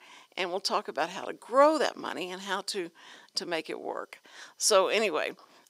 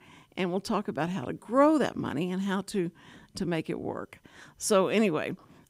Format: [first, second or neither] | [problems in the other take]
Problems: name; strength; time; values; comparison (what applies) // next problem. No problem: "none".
second | thin; somewhat; fading below 550 Hz